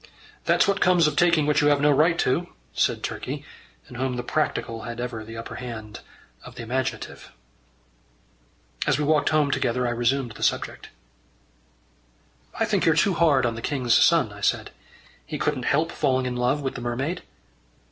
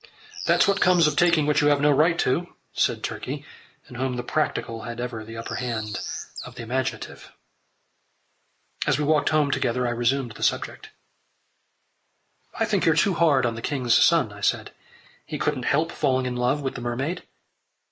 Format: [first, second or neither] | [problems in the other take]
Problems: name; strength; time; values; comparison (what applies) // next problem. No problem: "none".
first | noise reduction (neural mask model Resemble Enhance denoiser)